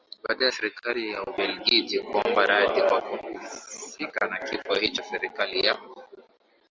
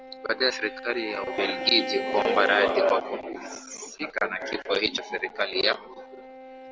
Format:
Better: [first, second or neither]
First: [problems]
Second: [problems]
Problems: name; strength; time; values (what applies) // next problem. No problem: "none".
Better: first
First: none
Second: background sound (Bowed string instrument); 11 dB below the speech